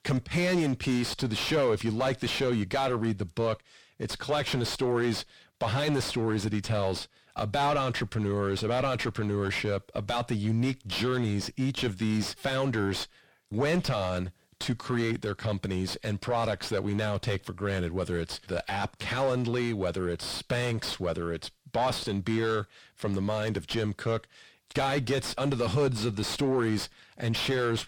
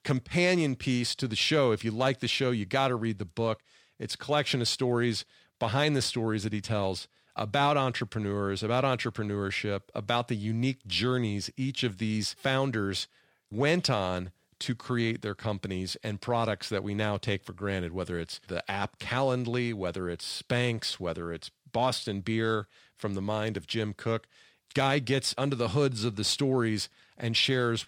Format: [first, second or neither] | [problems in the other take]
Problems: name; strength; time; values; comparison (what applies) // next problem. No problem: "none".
second | distortion; heavy; 5 dB below the speech